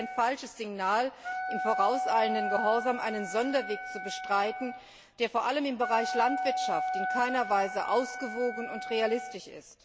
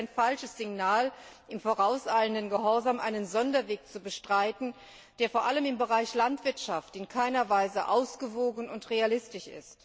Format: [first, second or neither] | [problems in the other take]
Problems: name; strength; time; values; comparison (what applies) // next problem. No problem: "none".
second | background sound (Wind instrument, woodwind instrument); 5 dB below the speech